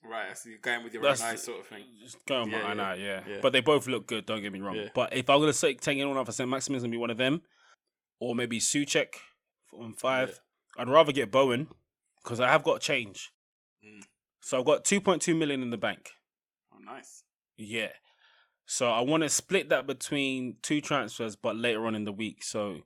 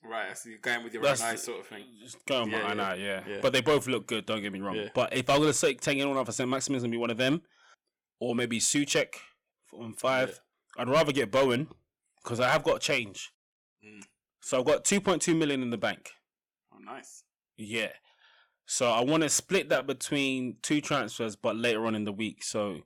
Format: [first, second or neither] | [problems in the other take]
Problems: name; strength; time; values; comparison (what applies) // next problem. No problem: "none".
first | distortion; slight; 2% of the sound clipped